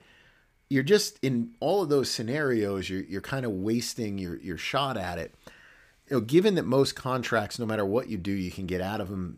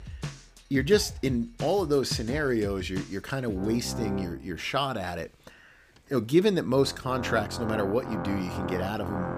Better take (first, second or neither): first